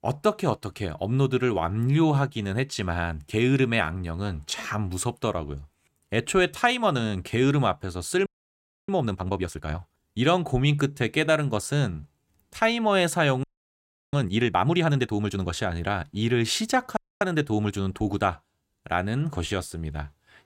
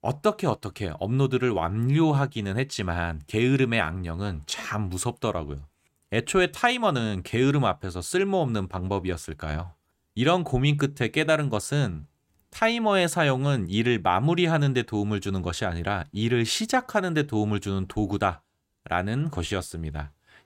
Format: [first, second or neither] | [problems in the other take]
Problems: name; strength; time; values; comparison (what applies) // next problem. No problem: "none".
second | audio freezing; at 8.5 s for 0.5 s, at 13 s for 0.5 s and at 17 s